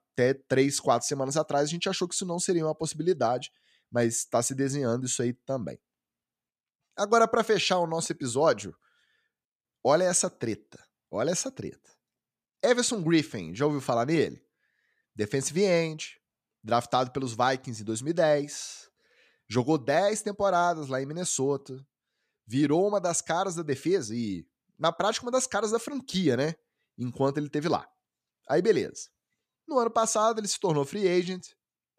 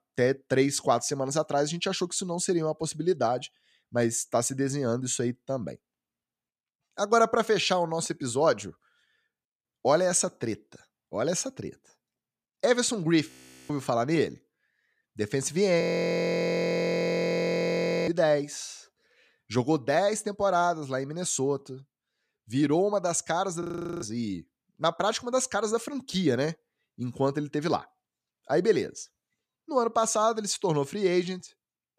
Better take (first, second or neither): first